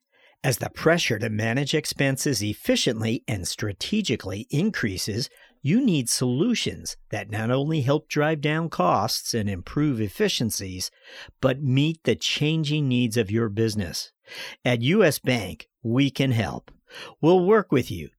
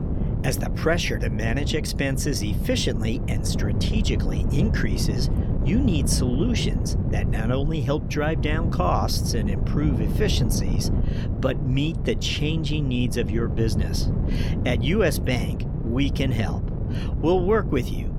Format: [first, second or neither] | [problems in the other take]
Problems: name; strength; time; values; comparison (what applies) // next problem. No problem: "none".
first | wind noise on the microphone; heavy; 8 dB below the speech